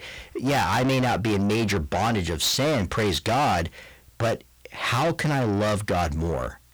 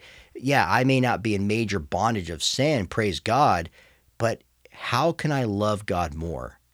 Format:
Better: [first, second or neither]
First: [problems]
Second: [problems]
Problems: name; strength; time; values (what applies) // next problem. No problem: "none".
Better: second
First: distortion; heavy; 6 dB below the speech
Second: none